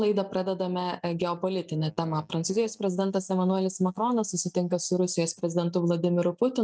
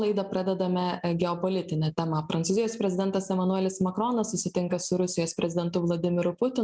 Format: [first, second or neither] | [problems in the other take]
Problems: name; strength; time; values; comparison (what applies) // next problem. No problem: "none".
second | noise reduction (neural mask model DeepFilterNet 3)